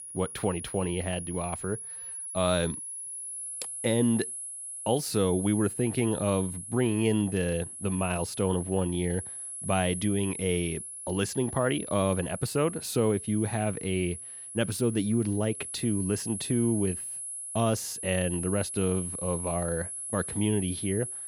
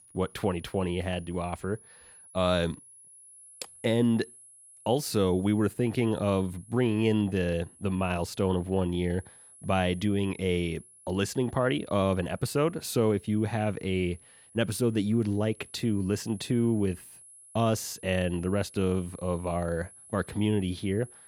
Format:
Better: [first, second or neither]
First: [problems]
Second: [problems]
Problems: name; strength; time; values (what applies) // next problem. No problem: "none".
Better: second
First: high-pitched whine; loud; throughout; 10.5 kHz, 7 dB below the speech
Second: high-pitched whine; faint; throughout; 10.5 kHz, 20 dB below the speech